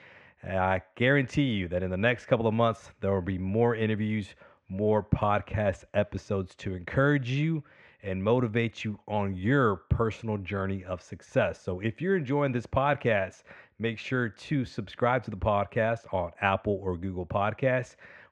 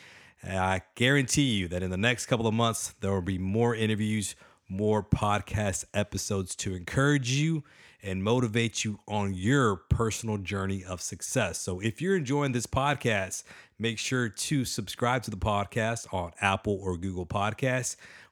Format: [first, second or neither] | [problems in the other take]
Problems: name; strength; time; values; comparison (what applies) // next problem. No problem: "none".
second | muffled; very; fading above 2 kHz